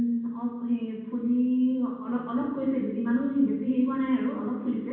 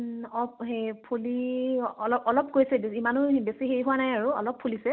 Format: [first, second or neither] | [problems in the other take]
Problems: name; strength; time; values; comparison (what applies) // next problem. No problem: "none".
second | room echo; dies away in 1.2 s